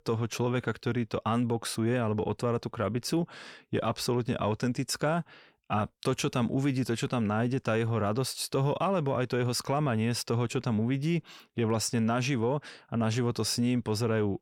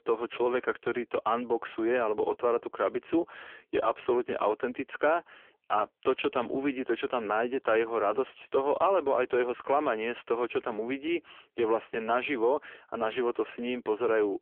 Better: first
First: none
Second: phone-call audio; poor line; nothing above 3.5 kHz

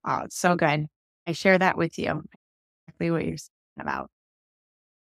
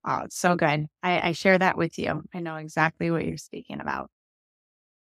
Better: second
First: audio cutting out; at 1 s, at 2.5 s for 0.5 s and at 3.5 s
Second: none

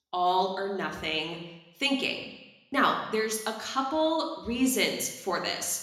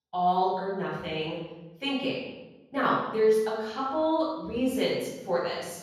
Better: first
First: room echo; slight; dies away in 0.8 s // off-mic speech; somewhat distant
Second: room echo; strong; dies away in 1.3 s // off-mic speech; far

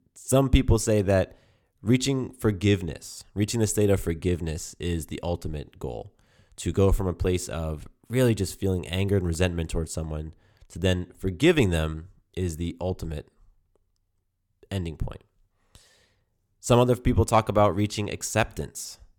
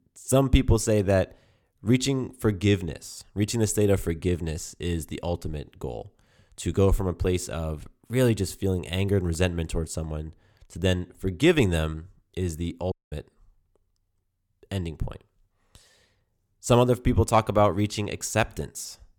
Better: first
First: none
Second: audio cutting out; at 13 s

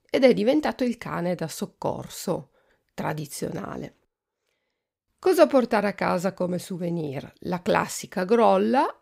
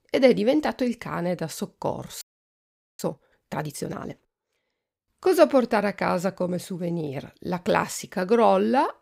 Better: first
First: none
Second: audio freezing; at 2 s for 1 s

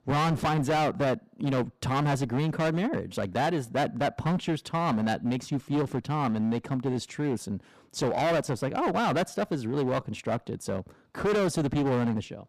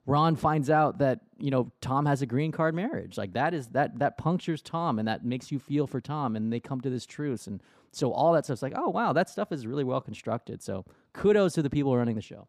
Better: second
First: distortion; heavy; 18% of the sound clipped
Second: none

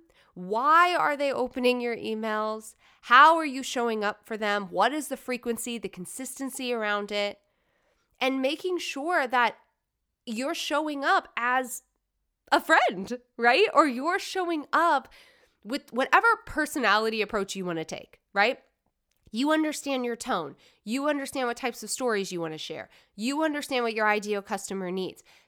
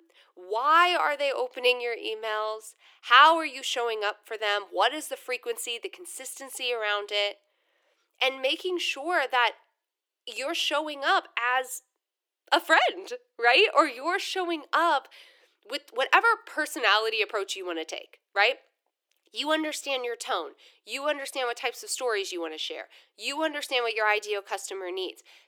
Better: first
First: none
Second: thin; very; fading below 350 Hz

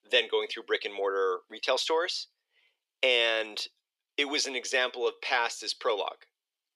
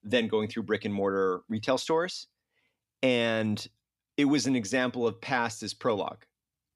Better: second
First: thin; very; fading below 350 Hz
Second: none

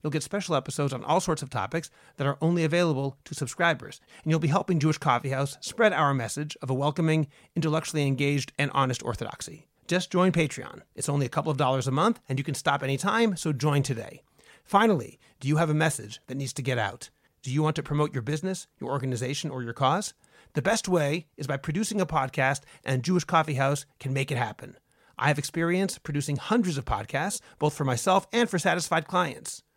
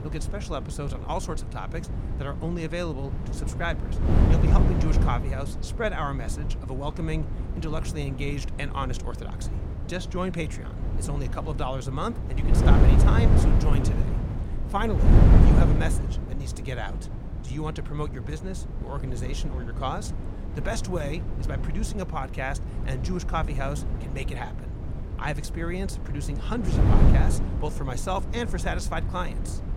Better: first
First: none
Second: wind noise on the microphone; heavy; 4 dB below the speech

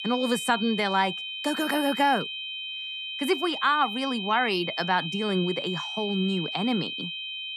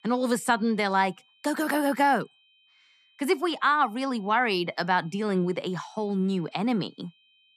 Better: second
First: high-pitched whine; loud; throughout; 3 kHz, 5 dB below the speech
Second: high-pitched whine; faint; throughout; 3 kHz, 35 dB below the speech

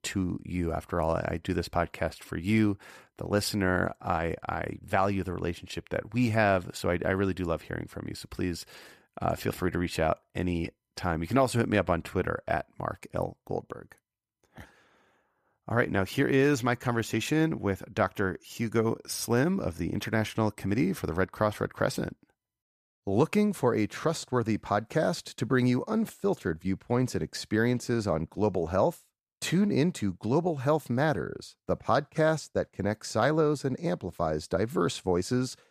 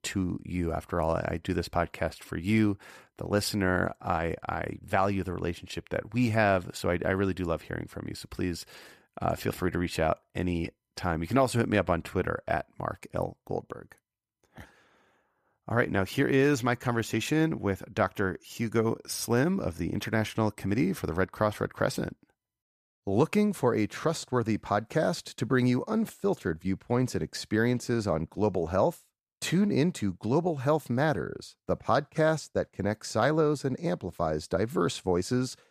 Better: neither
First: none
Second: none

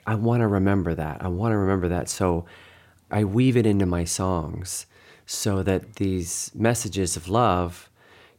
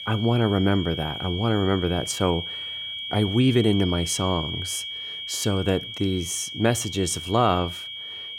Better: first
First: none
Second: high-pitched whine; loud; throughout; 3.5 kHz, 7 dB below the speech

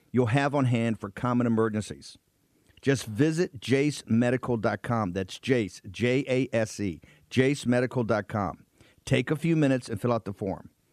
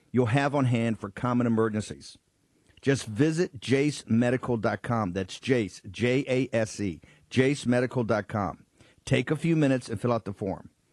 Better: first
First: none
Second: garbled, watery; slightly

